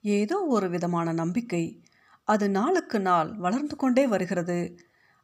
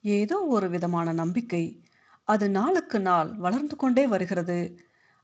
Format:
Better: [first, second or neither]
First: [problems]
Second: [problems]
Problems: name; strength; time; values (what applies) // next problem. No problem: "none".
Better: first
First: none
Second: garbled, watery; slightly; nothing above 7.5 kHz